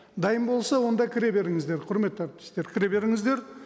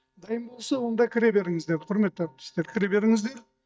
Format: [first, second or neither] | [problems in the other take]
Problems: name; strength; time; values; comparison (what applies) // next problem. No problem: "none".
first | noise reduction (neural mask model DeepFilterNet 3)